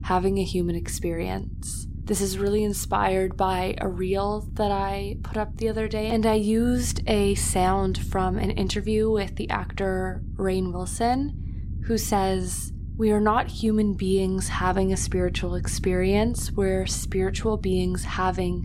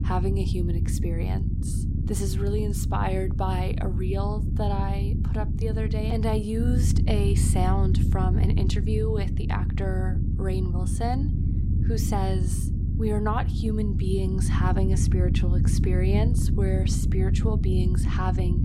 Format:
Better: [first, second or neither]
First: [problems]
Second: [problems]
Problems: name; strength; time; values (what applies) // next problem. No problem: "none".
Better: first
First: low rumble; faint; throughout; 20 dB below the speech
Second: low rumble; loud; throughout; 5 dB below the speech